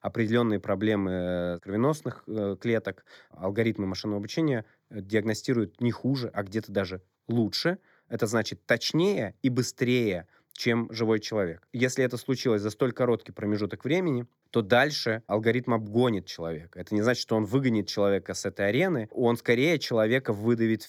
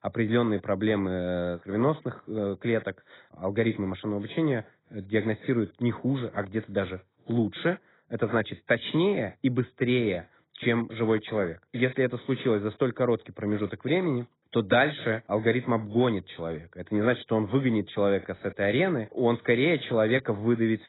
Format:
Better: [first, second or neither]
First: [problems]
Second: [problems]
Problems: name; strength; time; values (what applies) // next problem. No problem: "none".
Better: first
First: none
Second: garbled, watery; badly; nothing above 4 kHz